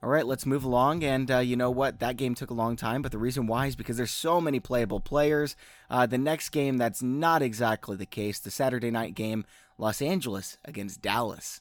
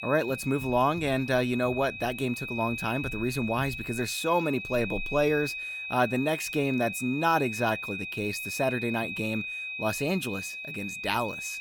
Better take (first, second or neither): first